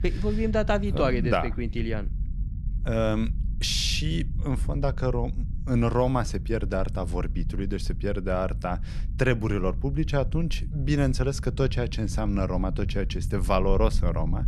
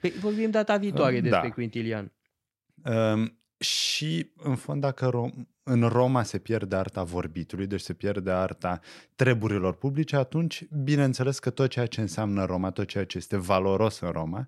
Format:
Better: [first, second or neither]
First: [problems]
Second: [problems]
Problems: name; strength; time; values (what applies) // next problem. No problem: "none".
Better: second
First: low rumble; noticeable; throughout; 20 dB below the speech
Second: none